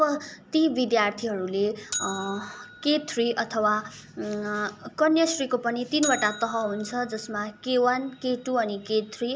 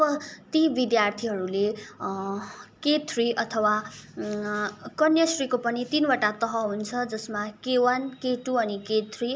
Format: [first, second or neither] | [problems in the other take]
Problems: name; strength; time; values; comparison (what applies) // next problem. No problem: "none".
second | background sound (Bell); 16 dB below the speech